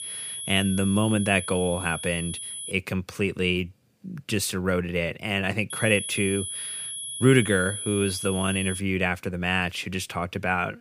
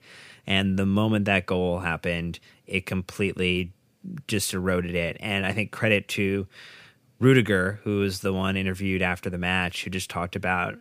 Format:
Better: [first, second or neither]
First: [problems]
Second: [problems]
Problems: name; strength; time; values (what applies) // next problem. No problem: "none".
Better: second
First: high-pitched whine; loud; until 2.5 s and from 5.5 to 9 s; 10 kHz, 6 dB below the speech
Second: none